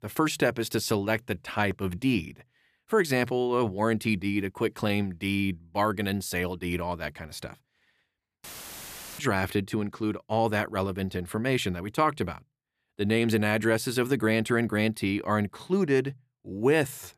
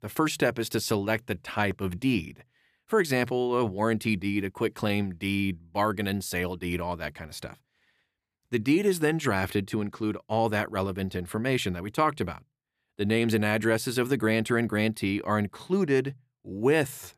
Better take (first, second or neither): second